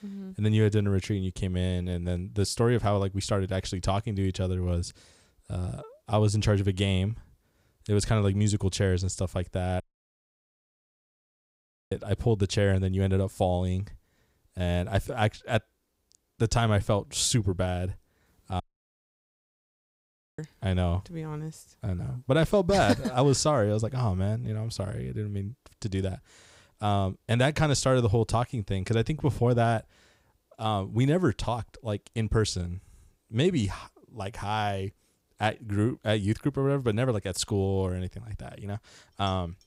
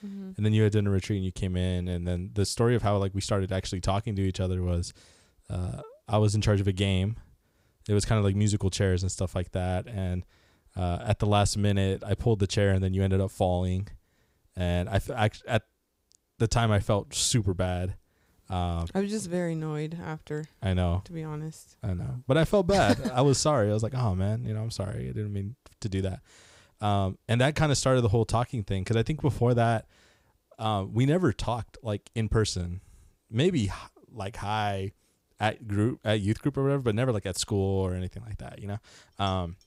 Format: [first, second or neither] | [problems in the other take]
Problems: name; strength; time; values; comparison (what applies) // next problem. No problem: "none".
second | audio cutting out; at 10 s for 2 s and at 19 s for 2 s